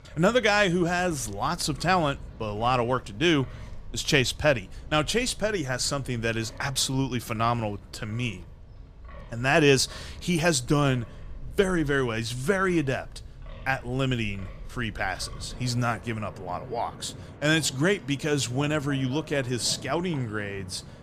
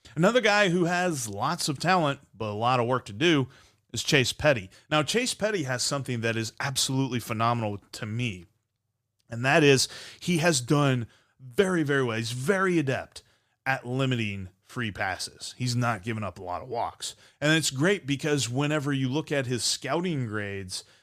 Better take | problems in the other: second | wind in the background; noticeable; throughout; 20 dB below the speech

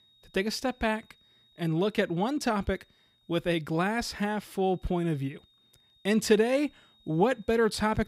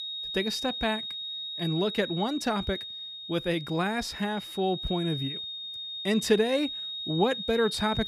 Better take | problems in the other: first | high-pitched whine; loud; throughout; 3.5 kHz, 5 dB below the speech; faint in the first

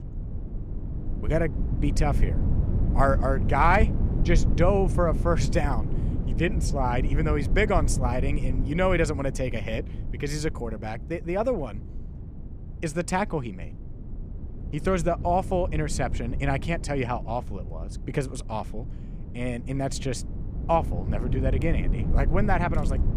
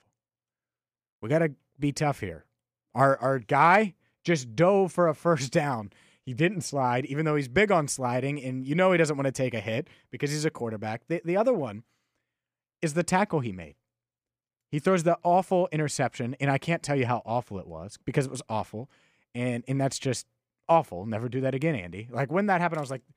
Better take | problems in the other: second | low rumble; noticeable; throughout; 15 dB below the speech

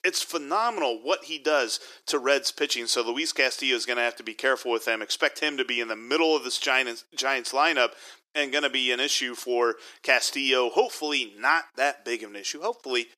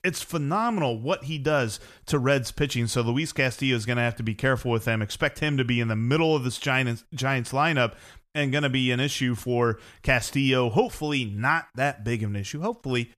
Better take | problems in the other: second | thin; very; fading below 350 Hz

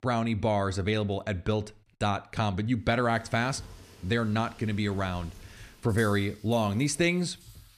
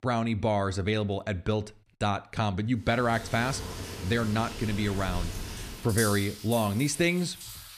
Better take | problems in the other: first | rain or running water; loud; from 3 s on; 9 dB below the speech; faint in the first

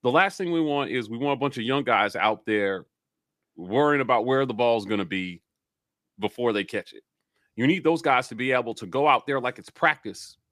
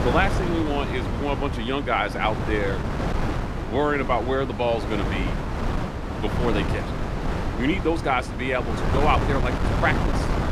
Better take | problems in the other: first | wind noise on the microphone; heavy; 5 dB below the speech

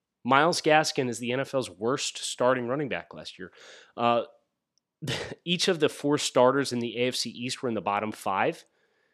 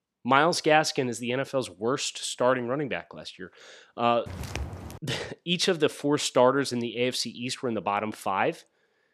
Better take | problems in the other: first | footsteps; noticeable; at 4.5 s; peak 9 dB below the speech

